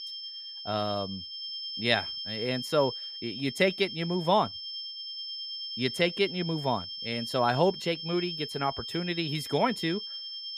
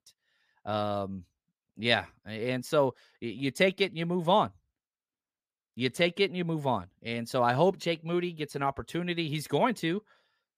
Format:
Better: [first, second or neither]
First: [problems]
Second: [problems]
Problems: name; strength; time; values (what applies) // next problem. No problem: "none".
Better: second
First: high-pitched whine; loud; throughout; 5.5 kHz, 7 dB below the speech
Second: none